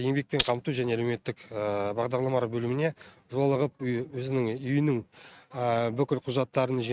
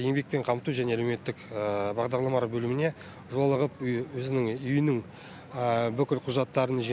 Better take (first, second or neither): second